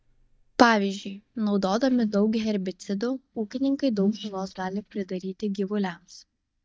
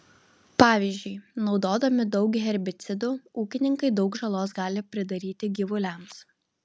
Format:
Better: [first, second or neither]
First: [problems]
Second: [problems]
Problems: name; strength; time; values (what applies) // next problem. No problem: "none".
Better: second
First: noise reduction (neural mask model DeepFilterNet 3)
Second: none